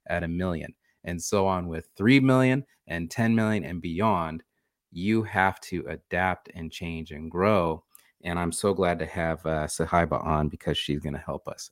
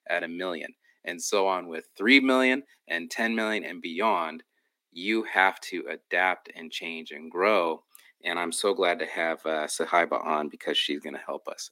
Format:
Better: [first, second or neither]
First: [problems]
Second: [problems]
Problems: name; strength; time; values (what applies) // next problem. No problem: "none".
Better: first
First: none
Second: thin; very slightly; fading below 250 Hz